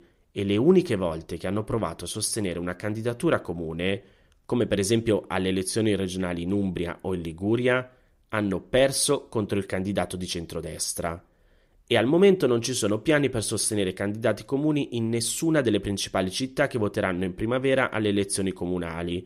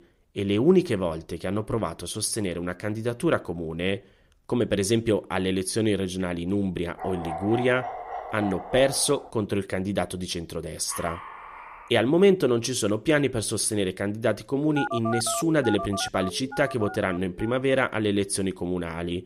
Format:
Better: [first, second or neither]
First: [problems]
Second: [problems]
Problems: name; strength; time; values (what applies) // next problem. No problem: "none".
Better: first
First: none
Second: dog barking; noticeable; from 7 to 9.5 s; peak 8 dB below the speech // dog barking; faint; from 11 to 12 s; peak 10 dB below the speech // phone ringing; noticeable; from 15 to 18 s; peak 4 dB below the speech